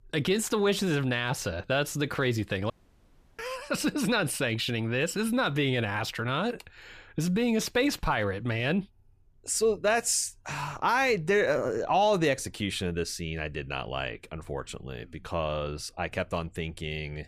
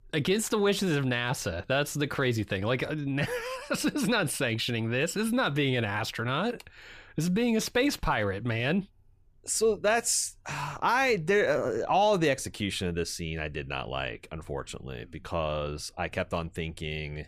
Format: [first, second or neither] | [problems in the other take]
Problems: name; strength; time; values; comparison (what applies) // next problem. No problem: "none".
second | audio cutting out; at 2.5 s for 0.5 s